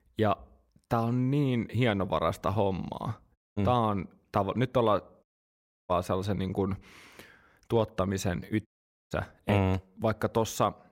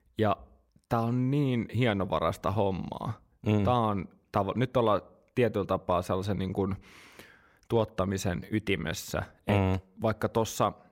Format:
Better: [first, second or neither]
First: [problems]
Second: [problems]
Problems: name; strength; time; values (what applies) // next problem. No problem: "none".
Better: second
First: audio cutting out; at 3.5 s, at 5 s for 0.5 s and at 8.5 s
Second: none